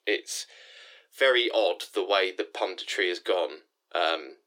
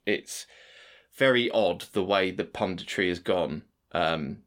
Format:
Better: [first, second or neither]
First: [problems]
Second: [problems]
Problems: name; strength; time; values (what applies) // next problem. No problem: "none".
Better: second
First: thin; very; fading below 300 Hz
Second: none